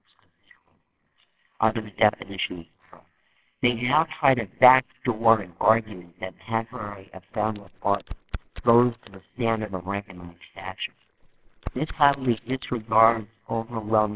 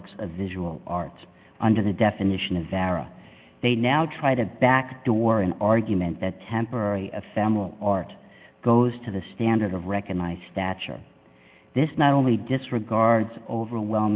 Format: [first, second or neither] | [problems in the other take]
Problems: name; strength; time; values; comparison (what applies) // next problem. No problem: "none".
second | noise reduction (neural separator model SepFormer WHAMR!)